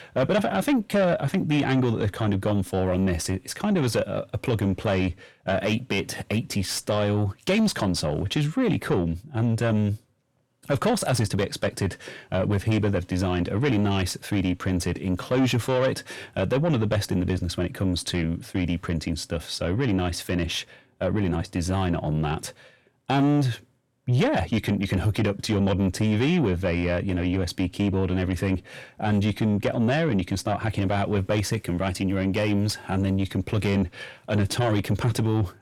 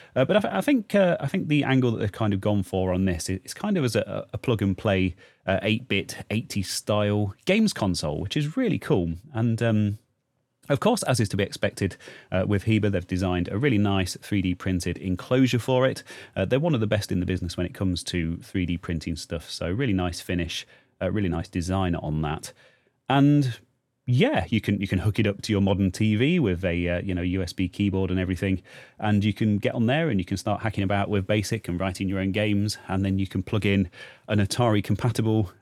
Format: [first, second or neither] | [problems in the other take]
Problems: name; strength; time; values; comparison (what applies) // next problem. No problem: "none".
second | distortion; slight; 10 dB below the speech